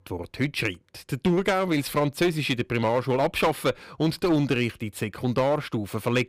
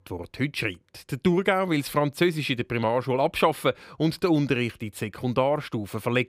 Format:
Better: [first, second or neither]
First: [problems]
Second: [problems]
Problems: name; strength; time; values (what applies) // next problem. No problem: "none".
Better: second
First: distortion; slight; 8% of the sound clipped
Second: none